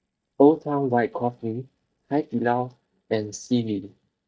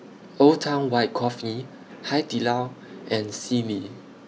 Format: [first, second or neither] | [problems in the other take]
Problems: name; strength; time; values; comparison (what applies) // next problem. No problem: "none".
second | noise reduction (neural mask model DeepFilterNet 3)